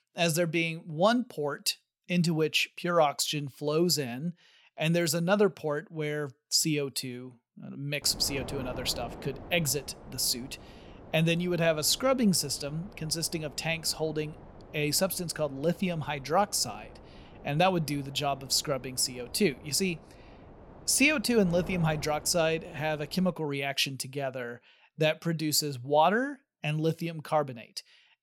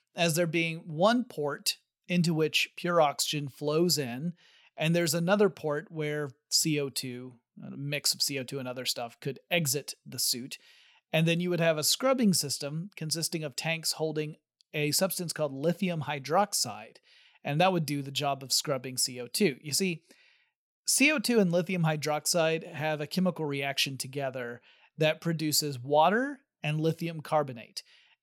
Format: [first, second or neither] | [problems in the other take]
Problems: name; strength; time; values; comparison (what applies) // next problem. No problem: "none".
second | wind noise on the microphone; occasional gusts; from 8 to 23 s; 20 dB below the speech